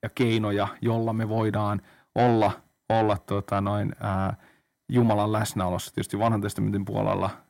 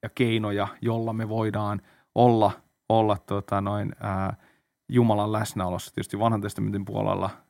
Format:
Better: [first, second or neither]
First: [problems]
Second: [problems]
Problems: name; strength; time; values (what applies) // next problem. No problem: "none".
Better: second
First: distortion; slight; 10 dB below the speech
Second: none